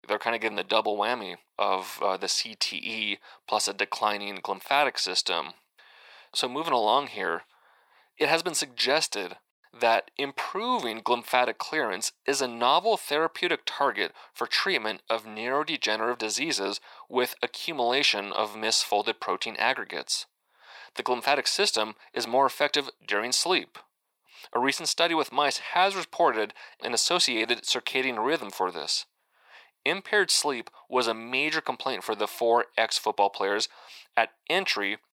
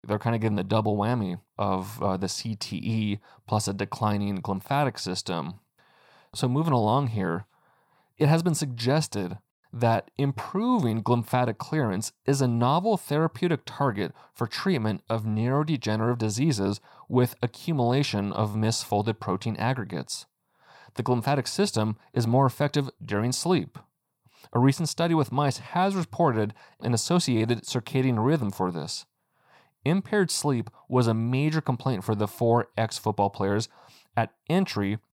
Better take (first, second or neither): second